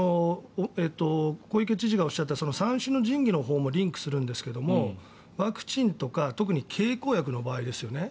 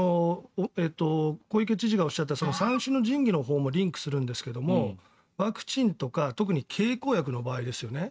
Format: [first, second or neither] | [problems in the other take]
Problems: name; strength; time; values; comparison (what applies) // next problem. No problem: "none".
first | noise reduction (neural mask model RNNoise)